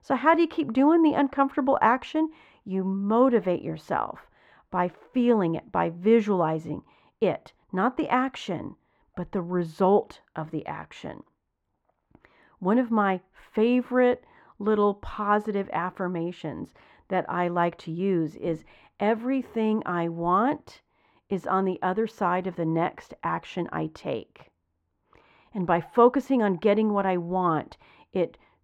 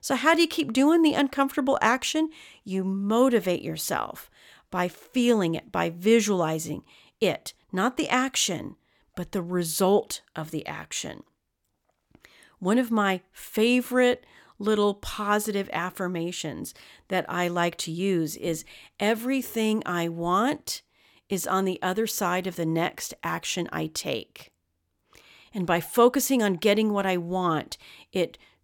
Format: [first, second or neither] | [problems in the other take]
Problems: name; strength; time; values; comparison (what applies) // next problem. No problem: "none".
second | muffled; very; fading above 4 kHz